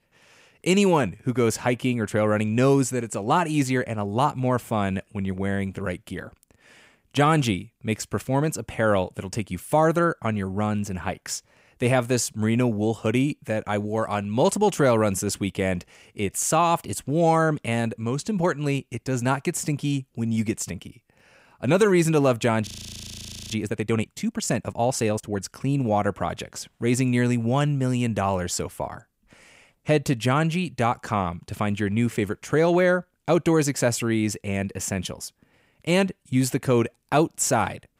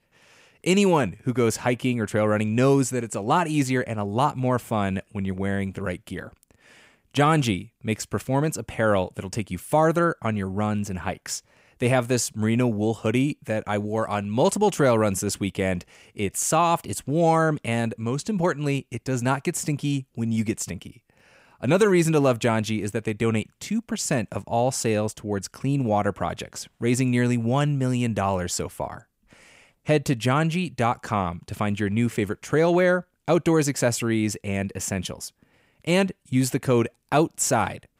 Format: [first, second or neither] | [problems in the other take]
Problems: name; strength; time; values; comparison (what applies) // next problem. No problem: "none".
second | audio freezing; at 23 s for 1 s